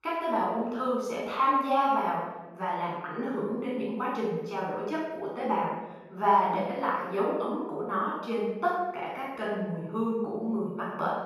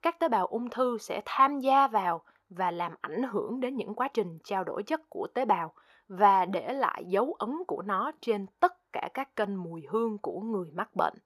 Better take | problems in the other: second | room echo; strong; dies away in 1 s // off-mic speech; far

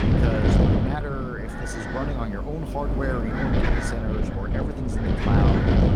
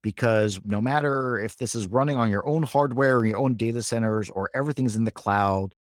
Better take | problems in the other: second | wind noise on the microphone; heavy; 3 dB above the speech

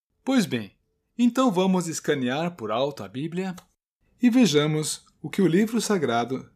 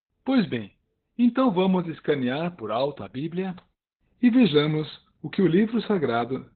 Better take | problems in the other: first | garbled, watery; badly; nothing above 4 kHz

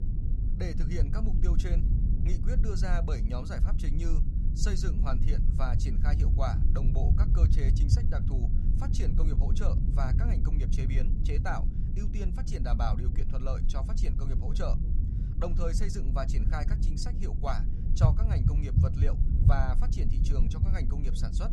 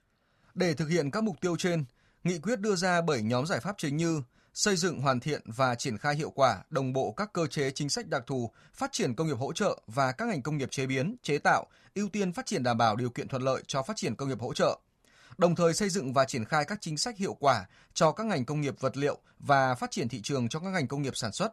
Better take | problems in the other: second | low rumble; loud; throughout; 4 dB below the speech

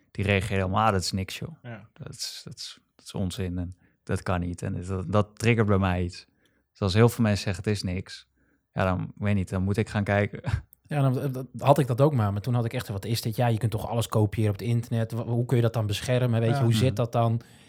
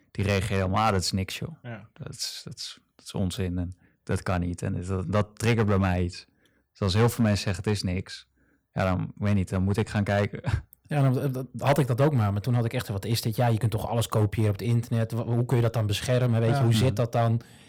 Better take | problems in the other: first | distortion; slight; 3% of the sound clipped

